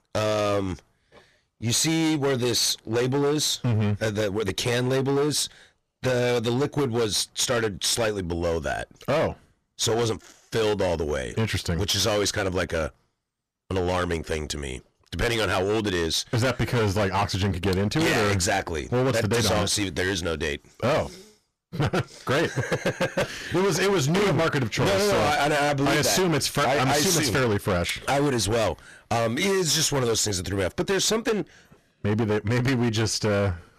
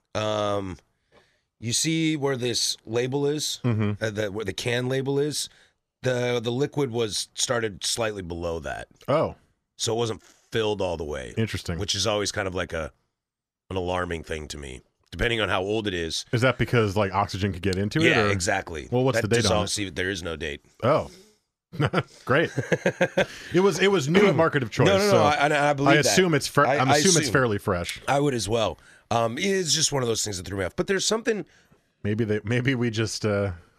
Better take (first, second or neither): second